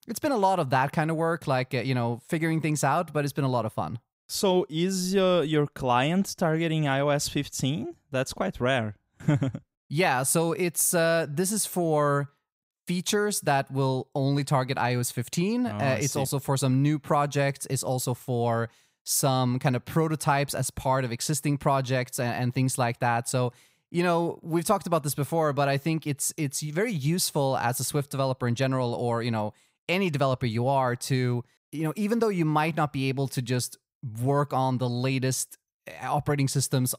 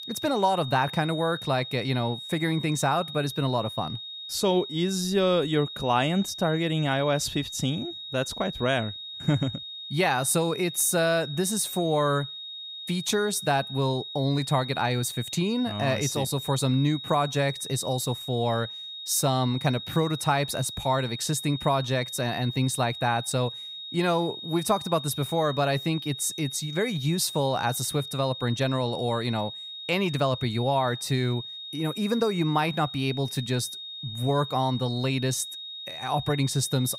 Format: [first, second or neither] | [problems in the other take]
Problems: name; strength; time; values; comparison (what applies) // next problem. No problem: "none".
first | high-pitched whine; loud; throughout; 3.5 kHz, 9 dB below the speech